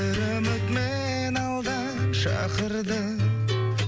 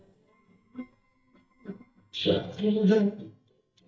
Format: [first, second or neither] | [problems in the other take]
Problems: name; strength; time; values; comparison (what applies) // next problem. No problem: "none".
first | noise reduction (neural mask model DeepFilterNet 3)